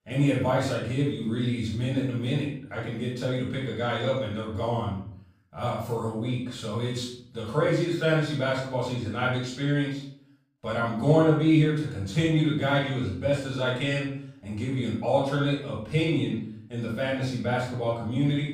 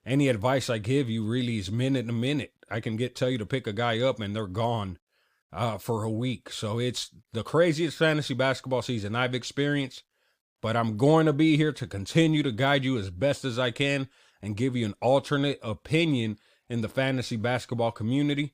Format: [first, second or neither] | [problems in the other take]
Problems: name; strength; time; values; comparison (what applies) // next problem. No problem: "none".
second | room echo; noticeable; dies away in 0.5 s // off-mic speech; far